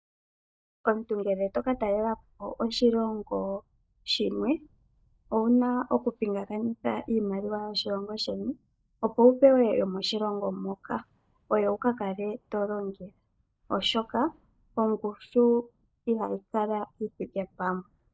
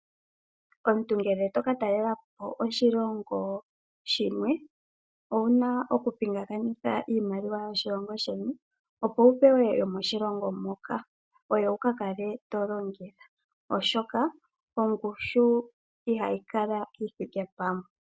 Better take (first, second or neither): second